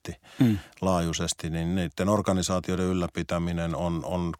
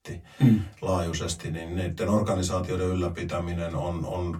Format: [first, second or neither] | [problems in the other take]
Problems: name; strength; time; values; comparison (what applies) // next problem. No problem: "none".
first | off-mic speech; far // room echo; very slight; dies away in 0.2 s